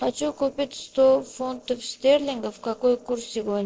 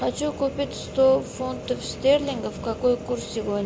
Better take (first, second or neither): second